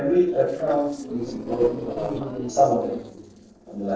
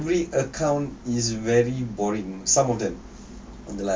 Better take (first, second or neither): second